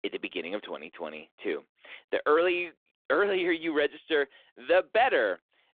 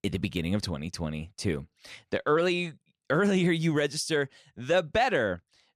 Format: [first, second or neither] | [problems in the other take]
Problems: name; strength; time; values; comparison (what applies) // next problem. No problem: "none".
second | phone-call audio